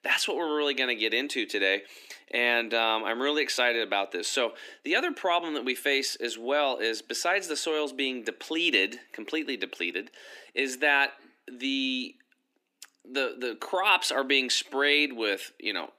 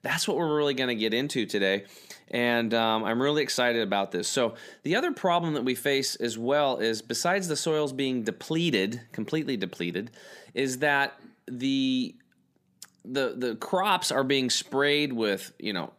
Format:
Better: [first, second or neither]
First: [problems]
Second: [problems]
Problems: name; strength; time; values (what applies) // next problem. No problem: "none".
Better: second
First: thin; very slightly; fading below 300 Hz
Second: none